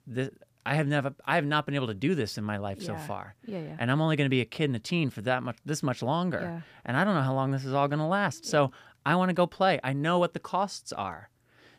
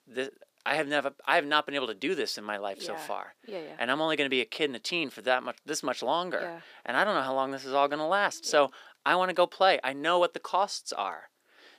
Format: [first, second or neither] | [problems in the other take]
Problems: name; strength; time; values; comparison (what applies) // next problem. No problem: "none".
first | thin; somewhat; fading below 350 Hz